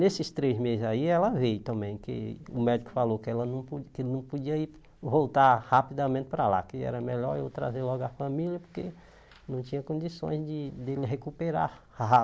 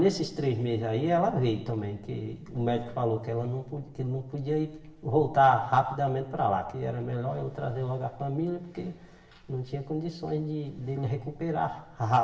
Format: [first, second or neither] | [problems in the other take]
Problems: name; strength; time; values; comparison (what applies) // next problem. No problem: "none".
first | room echo; dies away in 1 s